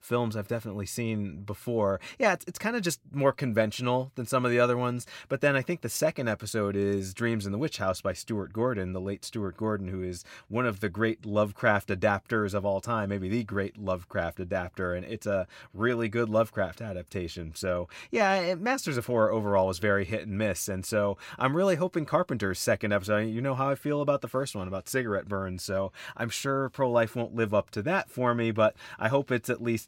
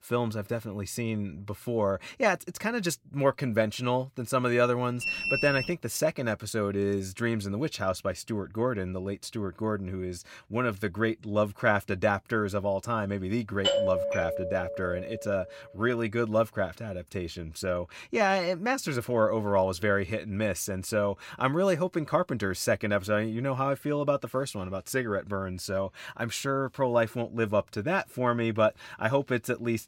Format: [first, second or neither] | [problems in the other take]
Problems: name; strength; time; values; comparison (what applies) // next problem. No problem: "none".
first | alarm; loud; at 5 s; peak 2 dB above the speech // doorbell; loud; from 14 to 15 s; peak 3 dB above the speech